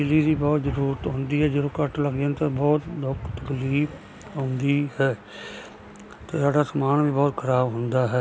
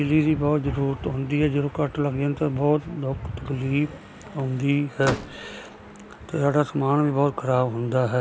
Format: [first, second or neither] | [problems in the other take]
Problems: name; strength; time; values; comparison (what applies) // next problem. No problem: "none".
first | background sound (Slam / Microwave oven); 8 dB below the speech